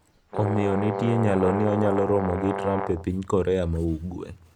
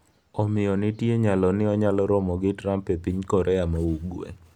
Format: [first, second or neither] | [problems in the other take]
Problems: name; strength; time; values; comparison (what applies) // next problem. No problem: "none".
second | background sound (Brass instrument); 5 dB below the speech